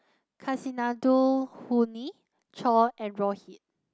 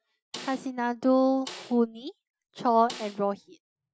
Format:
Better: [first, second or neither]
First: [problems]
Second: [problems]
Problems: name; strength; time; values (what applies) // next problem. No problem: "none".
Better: first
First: none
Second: noise reduction (classical method Wiener filter)